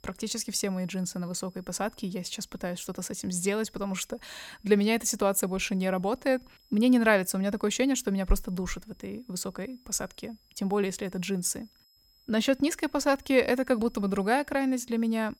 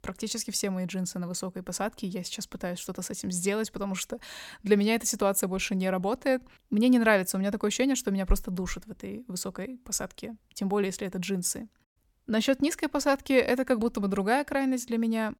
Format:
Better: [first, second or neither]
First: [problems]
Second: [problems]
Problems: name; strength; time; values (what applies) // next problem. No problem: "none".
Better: second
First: high-pitched whine; faint; throughout; 5 kHz, 30 dB below the speech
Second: none